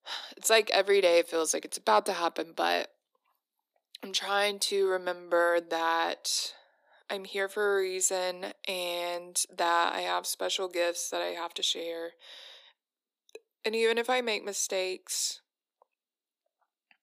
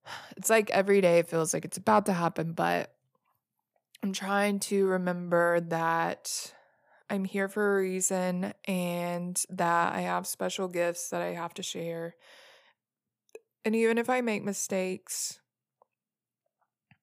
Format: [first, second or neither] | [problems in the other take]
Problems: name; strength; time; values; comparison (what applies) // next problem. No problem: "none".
second | thin; somewhat; fading below 300 Hz